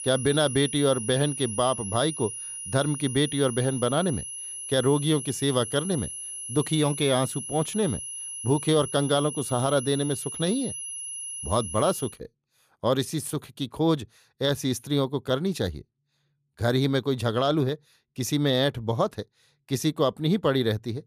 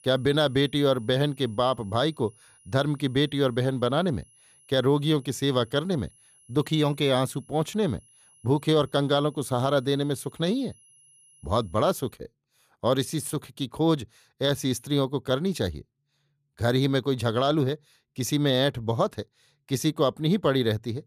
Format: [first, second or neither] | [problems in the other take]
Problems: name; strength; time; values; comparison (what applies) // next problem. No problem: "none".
second | high-pitched whine; loud; until 12 s; 10.5 kHz, 7 dB below the speech; faint in the second